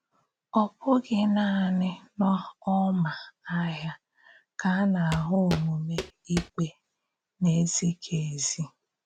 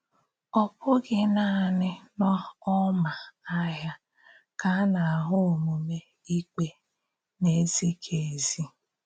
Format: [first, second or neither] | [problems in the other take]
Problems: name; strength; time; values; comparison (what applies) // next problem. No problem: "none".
second | background sound (Walk, footsteps); 9 dB below the speech